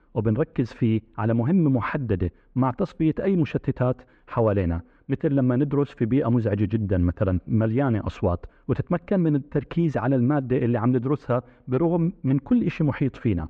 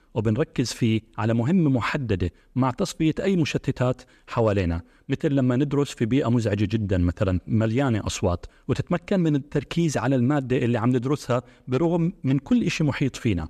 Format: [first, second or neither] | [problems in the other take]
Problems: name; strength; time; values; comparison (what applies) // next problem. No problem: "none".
second | muffled; very; fading above 1.5 kHz